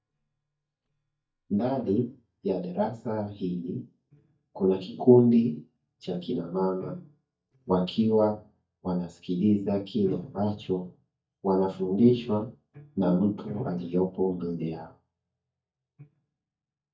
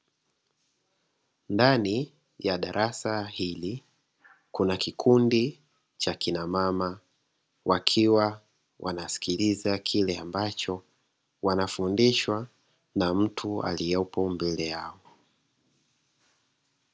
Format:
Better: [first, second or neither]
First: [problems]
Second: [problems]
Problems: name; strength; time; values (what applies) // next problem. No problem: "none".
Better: second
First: noise reduction (neural mask model DeepFilterNet 3)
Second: none